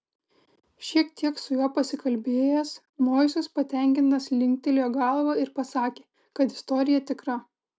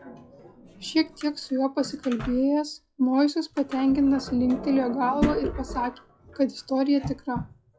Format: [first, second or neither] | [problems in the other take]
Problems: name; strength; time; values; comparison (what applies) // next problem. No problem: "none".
first | noise reduction (classical method log-MMSE)